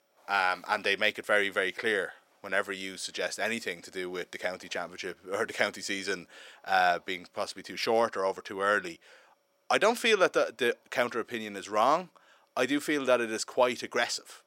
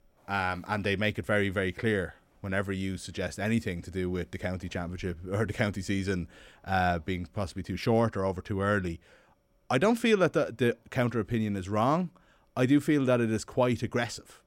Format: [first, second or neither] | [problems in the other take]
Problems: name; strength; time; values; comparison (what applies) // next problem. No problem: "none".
second | thin; somewhat; fading below 500 Hz